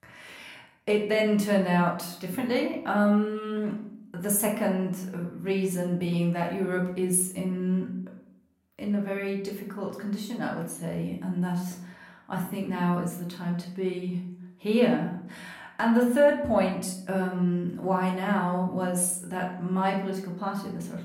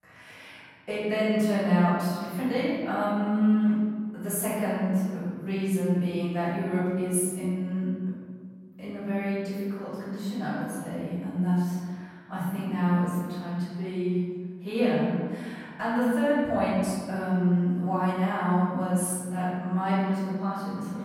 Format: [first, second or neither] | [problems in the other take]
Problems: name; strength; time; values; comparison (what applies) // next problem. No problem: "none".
first | room echo; strong; dies away in 1.7 s; slight in the first // off-mic speech; far; far in the first